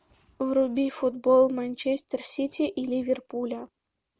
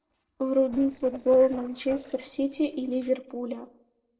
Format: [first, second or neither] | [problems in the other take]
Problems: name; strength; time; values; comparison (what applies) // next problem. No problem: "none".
first | noise reduction (neural separator model SepFormer DNS4)